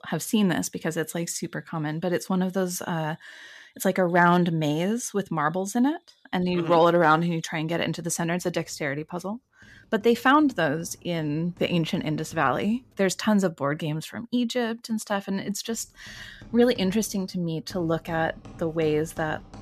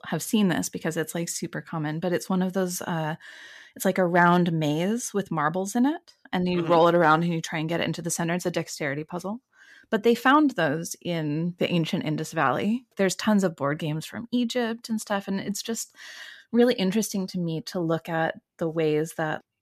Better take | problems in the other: second | machinery noise; faint; throughout; 25 dB below the speech

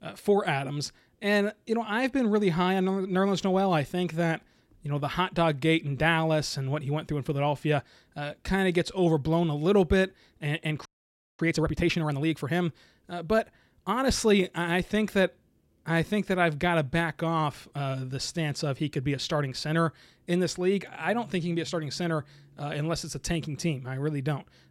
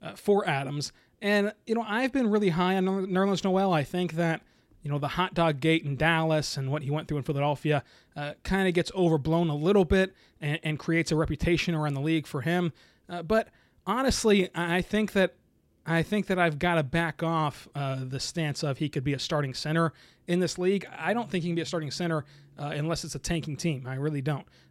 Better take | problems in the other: second | audio freezing; at 11 s for 0.5 s

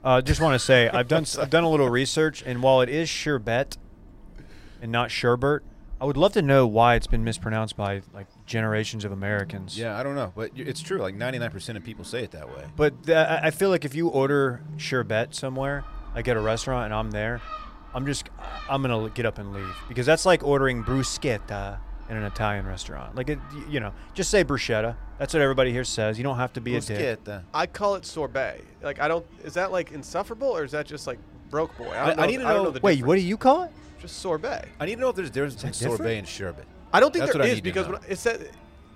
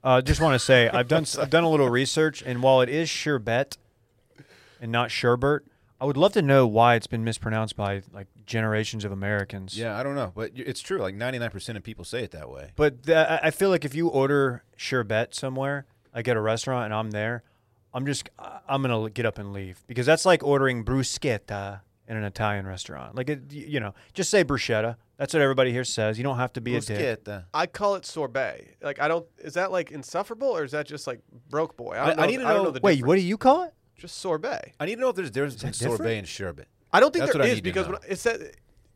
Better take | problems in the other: second | animal sounds; noticeable; throughout; 20 dB below the speech

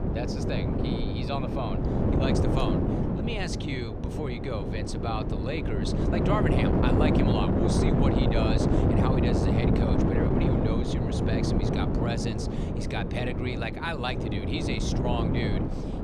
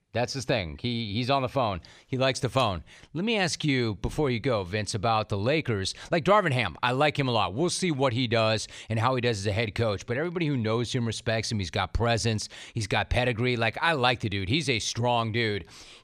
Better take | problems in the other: second | wind noise on the microphone; heavy; 2 dB above the speech

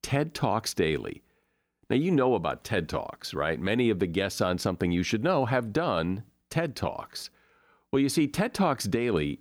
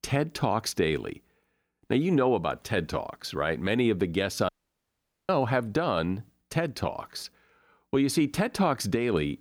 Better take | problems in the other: first | audio cutting out; at 4.5 s for 1 s

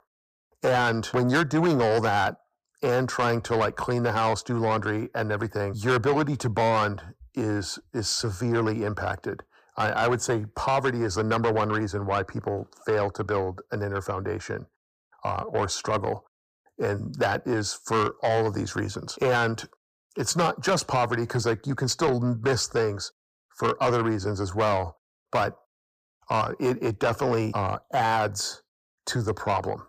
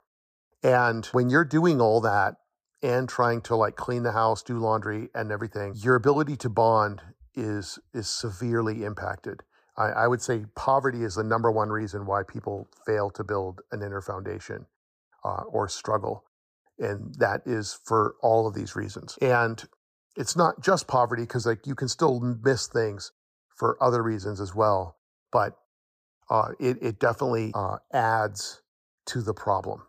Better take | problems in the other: second | distortion; heavy; 8 dB below the speech

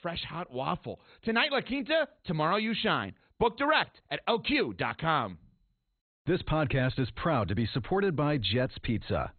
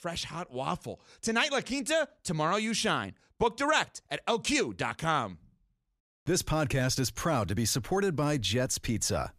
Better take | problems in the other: second | garbled, watery; badly; nothing above 4 kHz

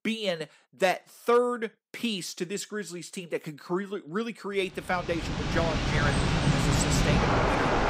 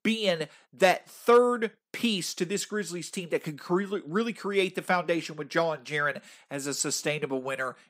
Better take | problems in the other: second | rain or running water; very loud; from 5.5 s on; 4 dB above the speech

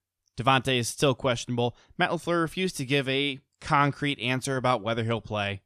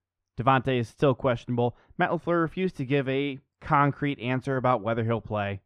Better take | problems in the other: first | muffled; very; fading above 3.5 kHz

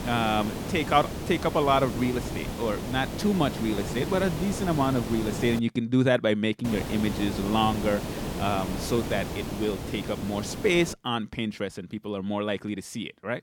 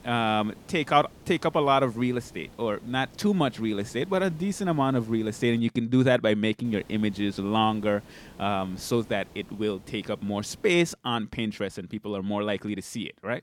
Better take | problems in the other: second | hiss; loud; until 5.5 s and from 6.5 to 11 s; 6 dB below the speech; faint in the second

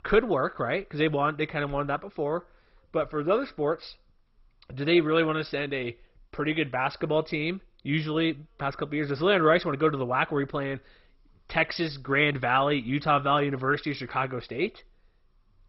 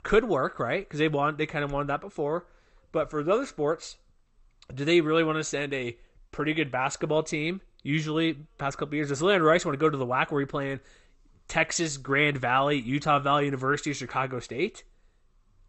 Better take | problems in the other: second | garbled, watery; badly; nothing above 5.5 kHz; slightly in the second

